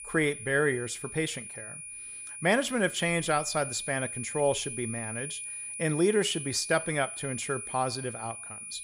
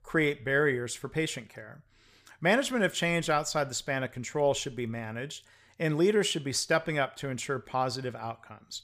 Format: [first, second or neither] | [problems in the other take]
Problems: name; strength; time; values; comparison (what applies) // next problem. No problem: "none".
second | high-pitched whine; loud; throughout; 9.5 kHz, 8 dB below the speech